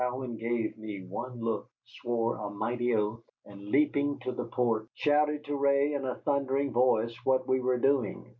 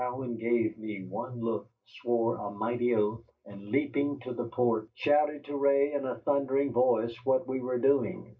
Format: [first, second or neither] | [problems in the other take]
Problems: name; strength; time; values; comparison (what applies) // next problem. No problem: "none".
first | room echo; dies away in 0.4 s